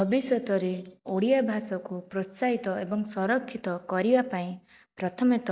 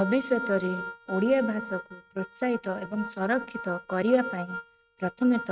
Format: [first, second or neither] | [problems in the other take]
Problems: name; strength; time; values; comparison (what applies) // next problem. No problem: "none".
first | noise reduction (neural mask model RNNoise)